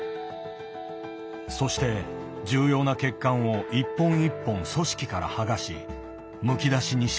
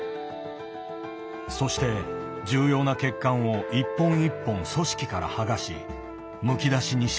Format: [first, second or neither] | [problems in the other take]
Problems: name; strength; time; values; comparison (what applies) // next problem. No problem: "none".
first | background sound (Wind instrument, woodwind instrument); 14 dB below the speech